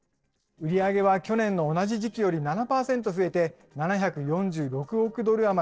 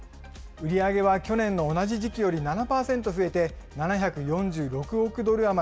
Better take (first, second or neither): second